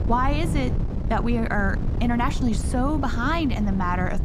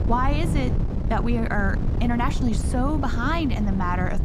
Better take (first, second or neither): first